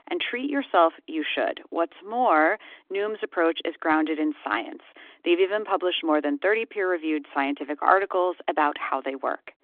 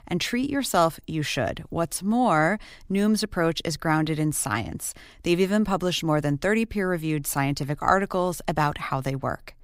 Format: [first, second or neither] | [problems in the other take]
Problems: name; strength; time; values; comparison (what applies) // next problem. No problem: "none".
second | phone-call audio; nothing above 3.5 kHz